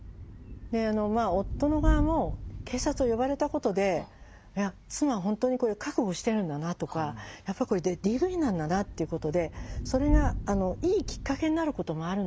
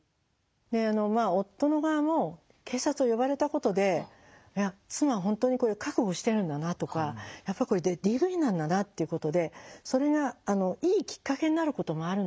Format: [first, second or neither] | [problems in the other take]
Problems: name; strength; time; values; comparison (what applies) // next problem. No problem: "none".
second | background sound (Thunder / Rain); 6 dB below the speech